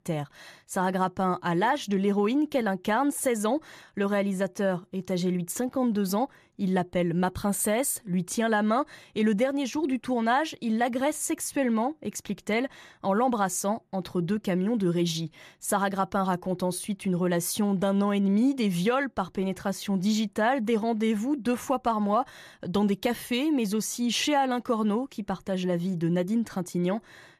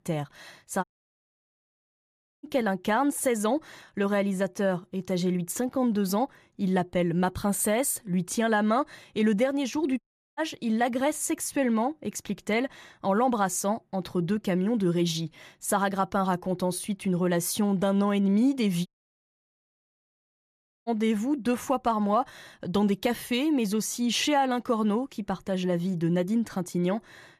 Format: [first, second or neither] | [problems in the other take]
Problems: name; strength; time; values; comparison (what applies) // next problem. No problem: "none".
first | audio cutting out; at 1 s for 1.5 s, at 10 s and at 19 s for 2 s